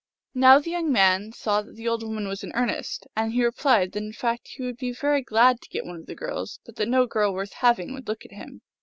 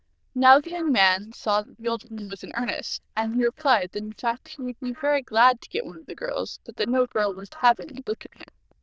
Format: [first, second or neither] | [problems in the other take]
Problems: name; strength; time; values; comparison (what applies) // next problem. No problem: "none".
first | noise reduction (neural diffusion model UNIVERSE++)